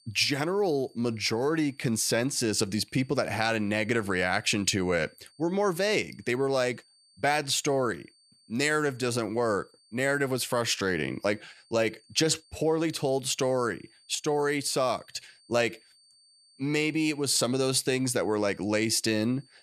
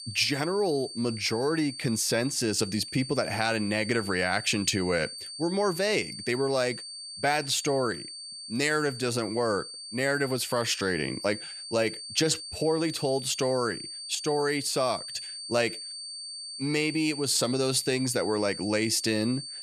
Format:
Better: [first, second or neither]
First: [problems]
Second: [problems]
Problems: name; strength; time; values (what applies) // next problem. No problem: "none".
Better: first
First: high-pitched whine; faint; throughout; 4.5 kHz, 30 dB below the speech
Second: high-pitched whine; loud; throughout; 4.5 kHz, 9 dB below the speech